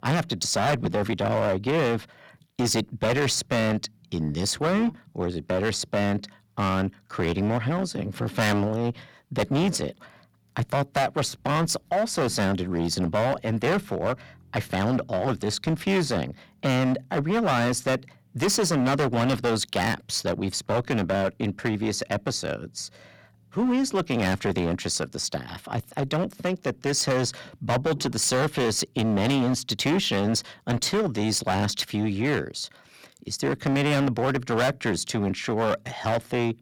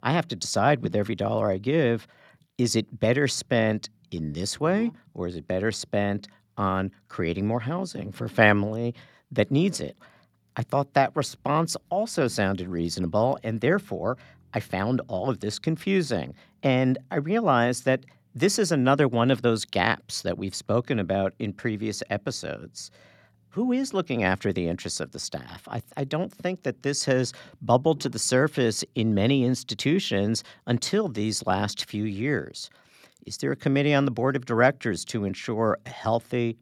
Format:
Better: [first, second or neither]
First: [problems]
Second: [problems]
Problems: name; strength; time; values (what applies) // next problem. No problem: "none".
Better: second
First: distortion; heavy; 13% of the sound clipped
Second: none